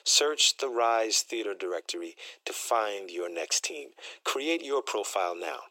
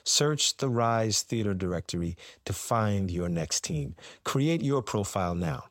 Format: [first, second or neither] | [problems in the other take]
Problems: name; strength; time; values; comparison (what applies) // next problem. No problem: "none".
second | thin; very; fading below 350 Hz